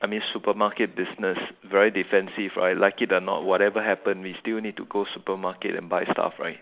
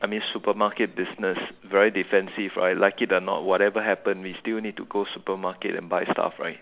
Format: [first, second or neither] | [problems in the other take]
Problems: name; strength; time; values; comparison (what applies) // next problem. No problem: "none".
second | noise reduction (neural mask model Resemble Enhance denoiser)